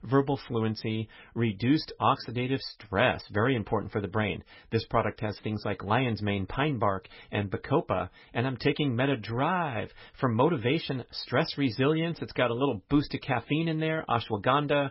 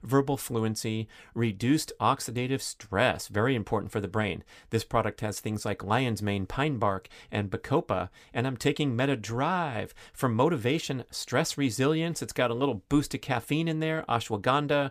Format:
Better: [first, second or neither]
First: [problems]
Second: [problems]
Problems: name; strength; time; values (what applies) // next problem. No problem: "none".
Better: second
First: garbled, watery; badly; nothing above 5.5 kHz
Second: none